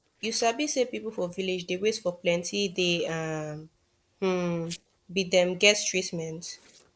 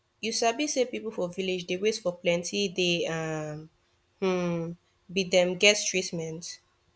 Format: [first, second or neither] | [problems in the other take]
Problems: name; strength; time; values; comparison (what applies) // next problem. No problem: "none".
second | noise reduction (neural separator model SepFormer DNS4)